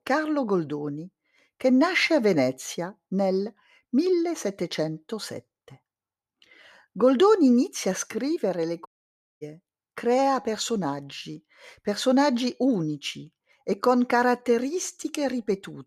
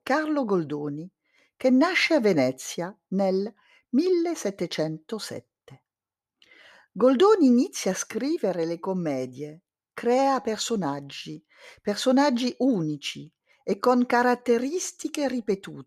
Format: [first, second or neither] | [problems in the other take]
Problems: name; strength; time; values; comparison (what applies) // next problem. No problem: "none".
second | audio cutting out; at 9 s for 0.5 s